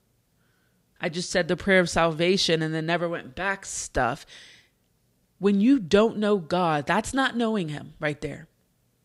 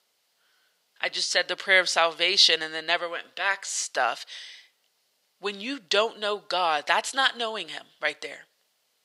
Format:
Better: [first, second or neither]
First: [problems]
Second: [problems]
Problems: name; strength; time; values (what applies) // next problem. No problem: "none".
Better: first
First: none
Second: thin; very; fading below 750 Hz